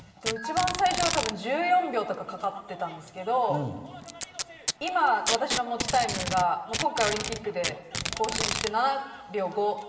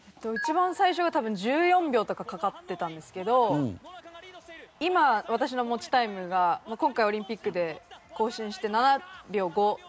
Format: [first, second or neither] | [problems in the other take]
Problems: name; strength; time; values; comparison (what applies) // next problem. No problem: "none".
second | background sound (Packing tape, duct tape); 6 dB below the speech // room echo; dies away in 2.5 s